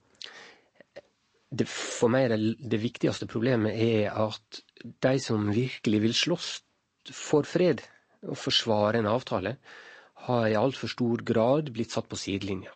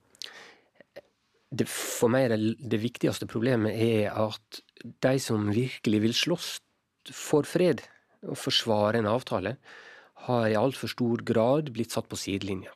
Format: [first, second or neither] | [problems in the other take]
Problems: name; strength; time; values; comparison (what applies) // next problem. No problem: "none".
second | garbled, watery; slightly; nothing above 8 kHz